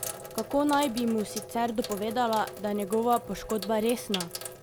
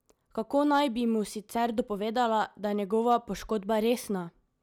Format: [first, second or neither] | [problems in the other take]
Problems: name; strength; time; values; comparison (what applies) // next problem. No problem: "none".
second | background sound (Sink (filling or washing)); 11 dB below the speech